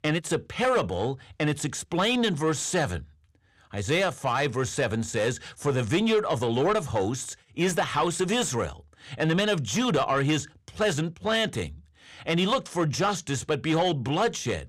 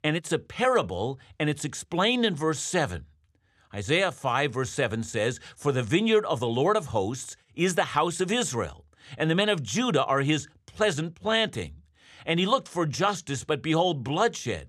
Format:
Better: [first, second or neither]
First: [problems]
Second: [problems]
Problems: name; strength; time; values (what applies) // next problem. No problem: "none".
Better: second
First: distortion; slight; 10 dB below the speech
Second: none